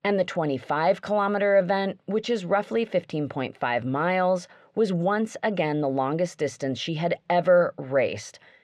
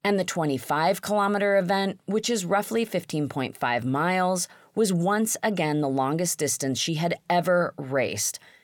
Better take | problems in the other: second | muffled; slightly; fading above 3 kHz

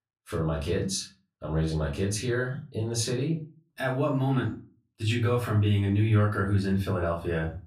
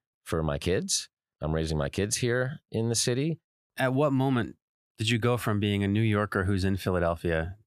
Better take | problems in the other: second | off-mic speech; far // room echo; slight; dies away in 0.3 s

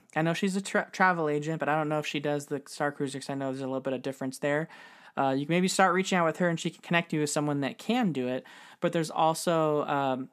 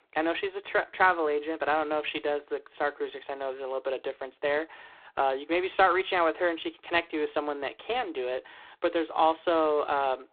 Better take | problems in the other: first | phone-call audio; poor line; nothing above 4 kHz

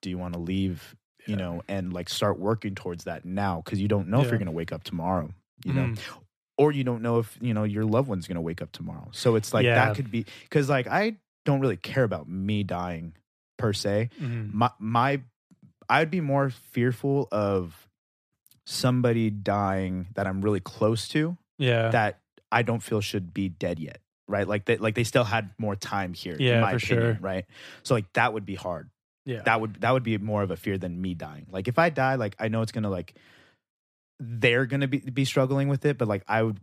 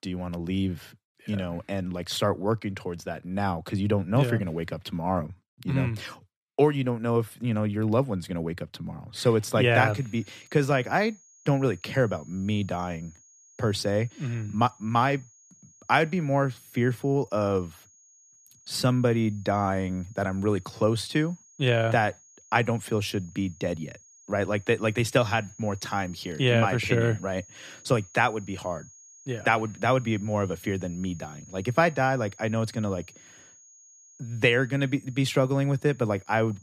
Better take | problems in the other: first | high-pitched whine; faint; from 10 s on; 6.5 kHz, 25 dB below the speech

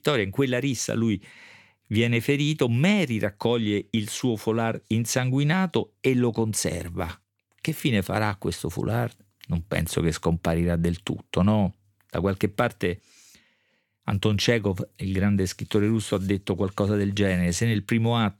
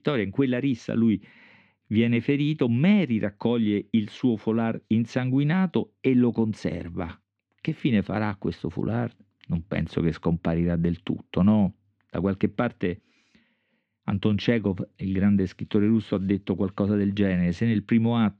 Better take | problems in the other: first | muffled; slightly; fading above 3.5 kHz

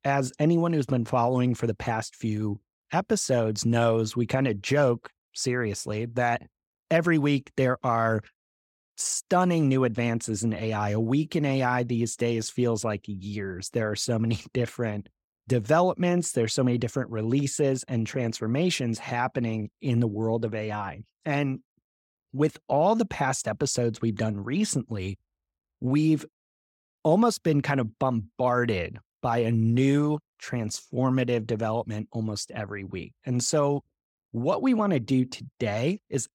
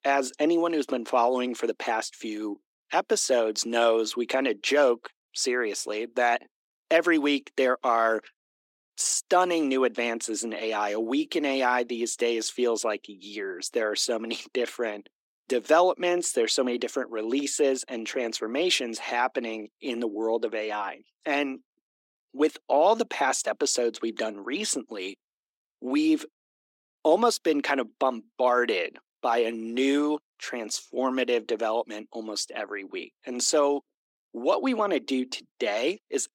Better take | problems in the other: first | thin; somewhat; fading below 300 Hz

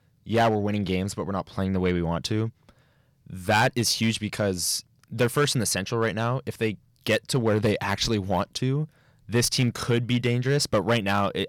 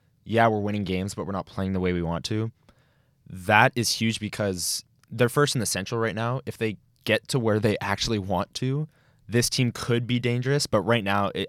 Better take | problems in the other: second | distortion; slight; 3% of the sound clipped

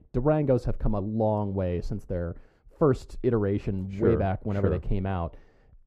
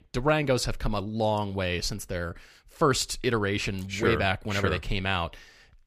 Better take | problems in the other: second | muffled; very; fading above 1.5 kHz

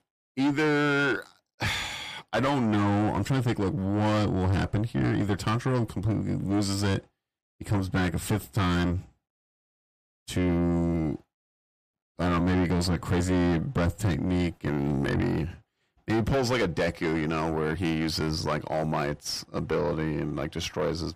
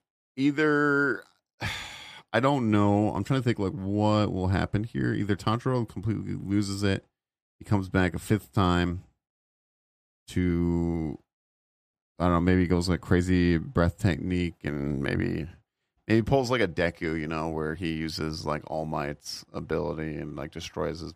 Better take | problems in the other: second | distortion; heavy; 5 dB below the speech

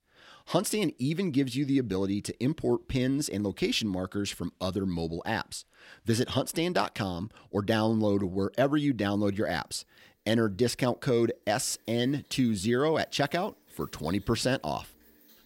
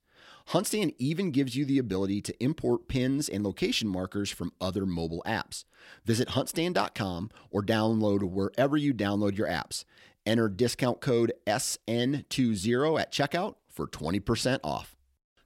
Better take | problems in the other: second | rain or running water; faint; throughout; 30 dB below the speech

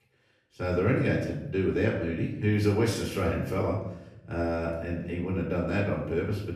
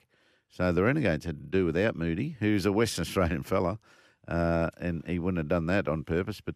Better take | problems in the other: second | off-mic speech; far // room echo; noticeable; dies away in 0.7 s

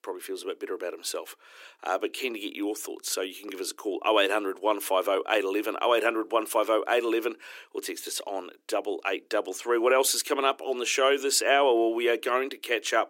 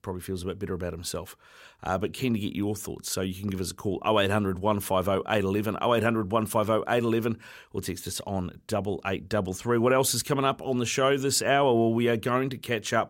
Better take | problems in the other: second | thin; very; fading below 300 Hz

